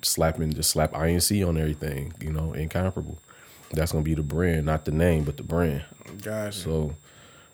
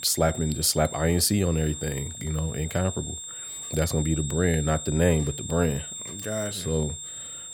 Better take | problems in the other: first | high-pitched whine; loud; throughout; 7.5 kHz, 9 dB below the speech; faint in the first

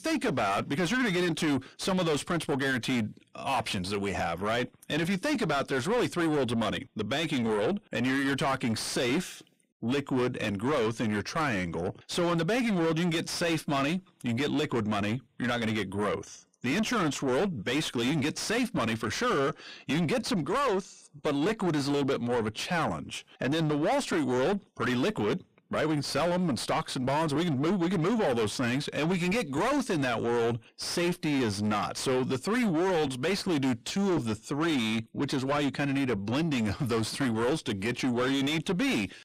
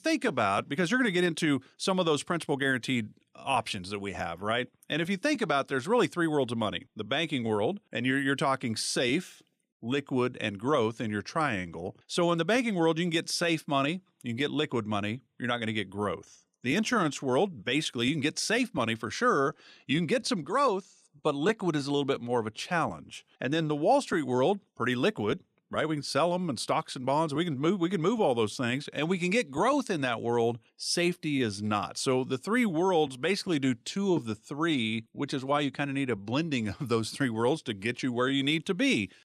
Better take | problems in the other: second | distortion; heavy; 6 dB below the speech

